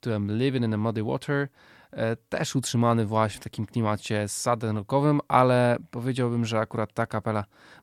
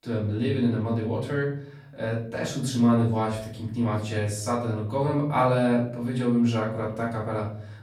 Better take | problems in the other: first | off-mic speech; far // room echo; noticeable; dies away in 0.7 s

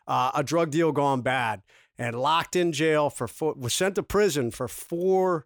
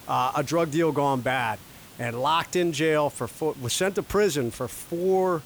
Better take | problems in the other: first | hiss; faint; throughout; 20 dB below the speech

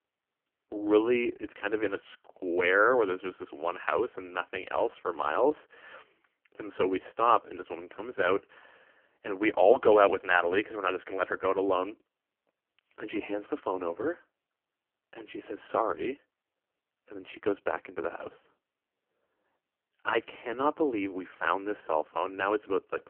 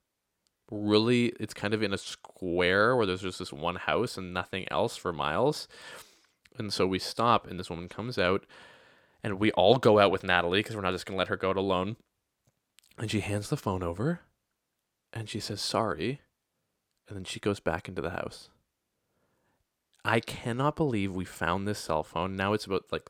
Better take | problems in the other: second | phone-call audio; poor line; nothing above 3 kHz

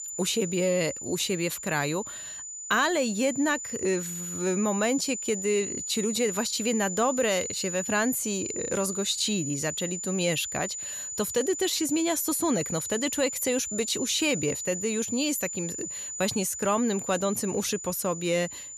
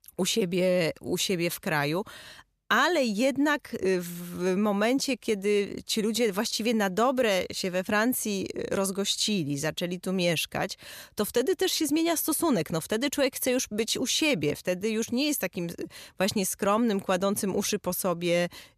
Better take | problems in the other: second | high-pitched whine; loud; throughout; 7 kHz, 5 dB below the speech

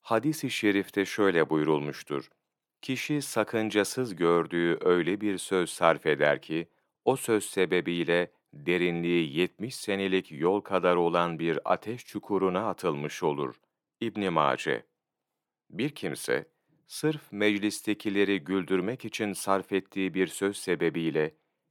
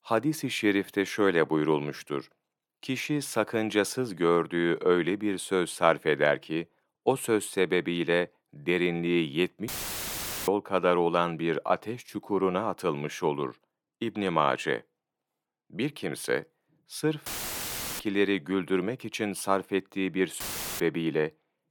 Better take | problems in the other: first | audio cutting out; filled with static; at 9.5 s for 1 s, at 17 s for 0.5 s and at 20 s

